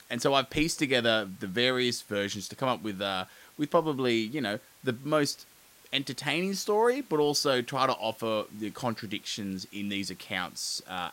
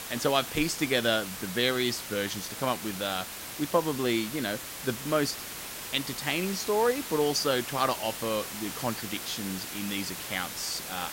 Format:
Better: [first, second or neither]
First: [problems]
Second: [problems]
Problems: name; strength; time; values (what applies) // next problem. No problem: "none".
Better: first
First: hiss; faint; throughout; 25 dB below the speech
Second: hiss; loud; throughout; 7 dB below the speech